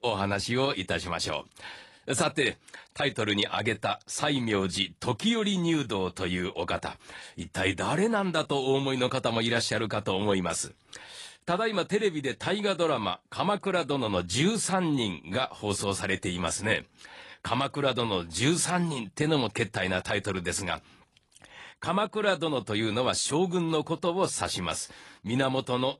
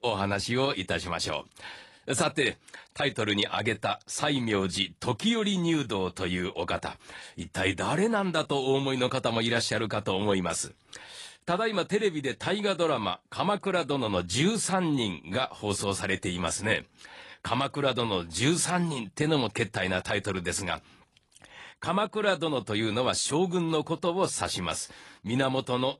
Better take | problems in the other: neither | garbled, watery; slightly; the same in both

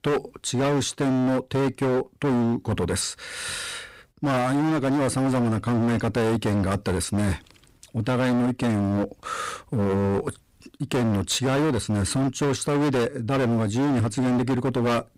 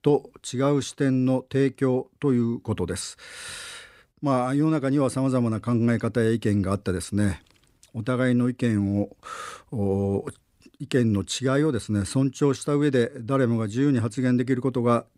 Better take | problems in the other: second | distortion; heavy; 28% of the sound clipped

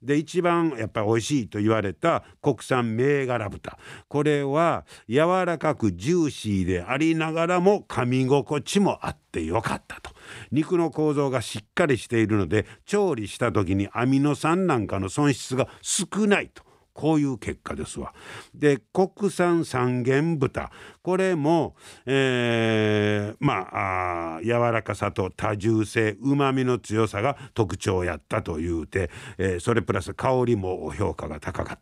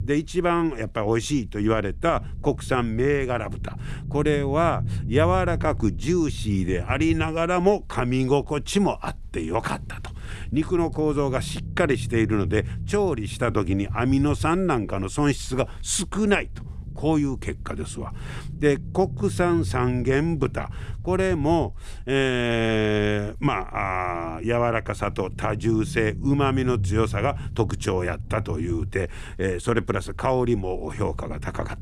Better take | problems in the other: first | low rumble; faint; throughout; 20 dB below the speech

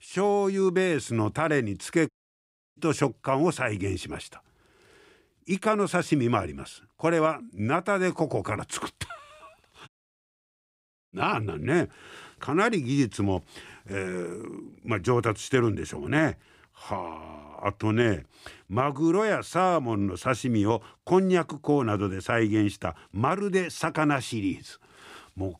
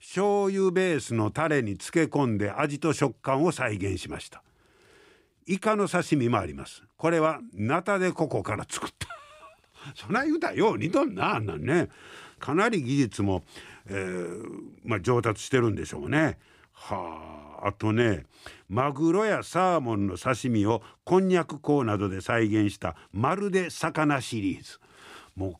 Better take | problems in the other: second | audio cutting out; at 2 s for 0.5 s and at 10 s for 1 s

